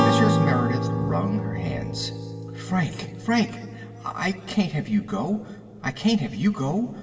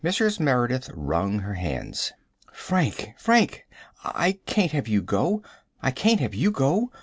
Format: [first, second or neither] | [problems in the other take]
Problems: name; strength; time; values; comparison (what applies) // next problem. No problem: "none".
second | background sound (Acoustic guitar / Strum); 2 dB below the speech // room echo; dies away in 1.8 s